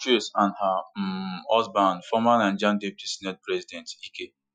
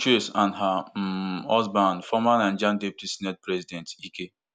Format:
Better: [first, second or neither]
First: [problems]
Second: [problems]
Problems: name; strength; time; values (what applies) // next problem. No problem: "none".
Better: second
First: noise reduction (classical method Wiener filter)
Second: none